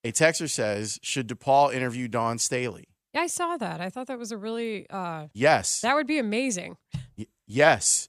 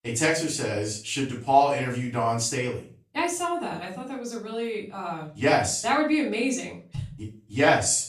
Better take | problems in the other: first | off-mic speech; far // room echo; slight; dies away in 0.3 s

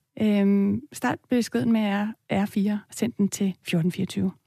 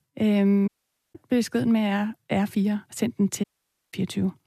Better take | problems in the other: first | audio cutting out; at 0.5 s and at 3.5 s

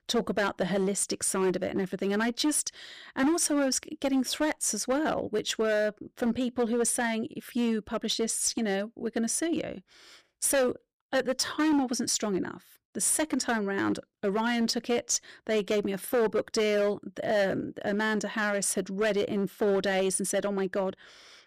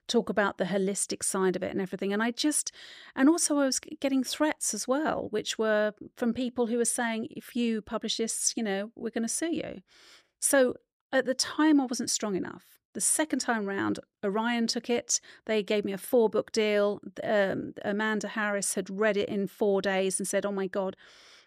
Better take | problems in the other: second | distortion; slight; 9% of the sound clipped

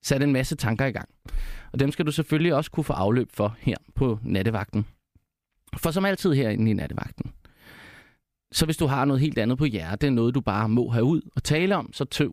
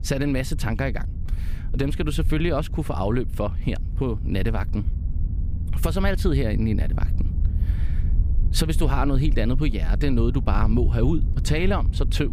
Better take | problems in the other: first | low rumble; noticeable; throughout; 15 dB below the speech

